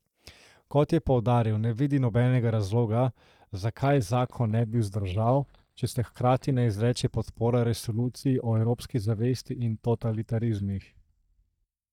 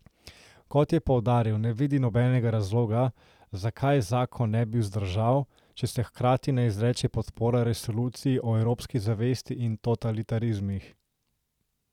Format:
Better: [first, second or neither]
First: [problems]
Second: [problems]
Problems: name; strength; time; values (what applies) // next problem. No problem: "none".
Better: second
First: noise reduction (neural mask model DeepFilterNet 3)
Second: none